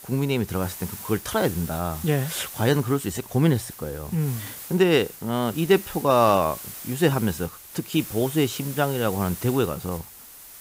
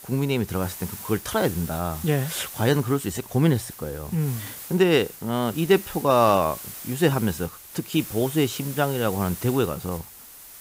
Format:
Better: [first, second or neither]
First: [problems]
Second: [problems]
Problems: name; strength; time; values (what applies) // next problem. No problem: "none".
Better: neither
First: hiss; noticeable; throughout; 15 dB below the speech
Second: hiss; noticeable; throughout; 15 dB below the speech